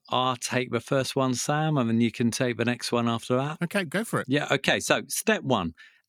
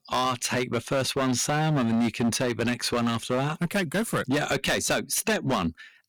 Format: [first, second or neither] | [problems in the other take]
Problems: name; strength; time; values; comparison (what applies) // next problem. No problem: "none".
first | distortion; heavy; 14% of the sound clipped